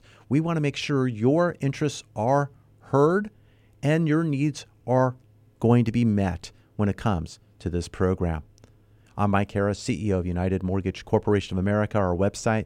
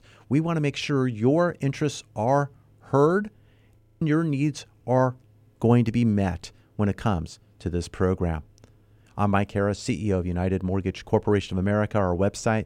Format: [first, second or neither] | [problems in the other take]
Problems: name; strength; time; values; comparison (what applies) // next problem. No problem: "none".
first | audio freezing; at 4 s